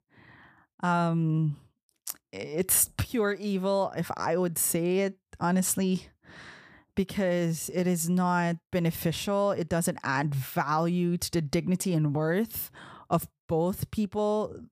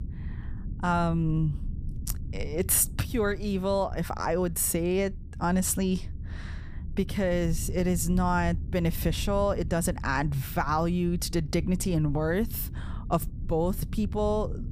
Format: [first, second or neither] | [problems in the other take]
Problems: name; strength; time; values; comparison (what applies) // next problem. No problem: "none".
first | low rumble; faint; throughout; 20 dB below the speech